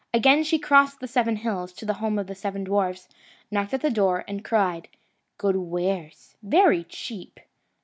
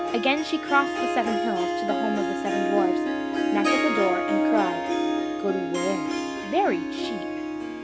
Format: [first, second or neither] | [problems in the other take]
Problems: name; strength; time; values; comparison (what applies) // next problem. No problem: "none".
first | background sound (Harp); 3 dB above the speech